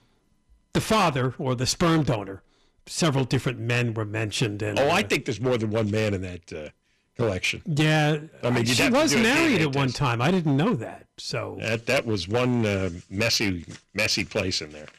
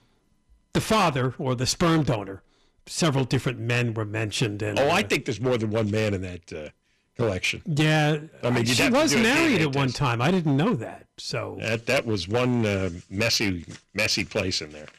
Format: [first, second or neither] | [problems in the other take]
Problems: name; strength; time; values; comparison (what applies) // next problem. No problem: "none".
neither | distortion; heavy; 9% of the sound clipped; the same in both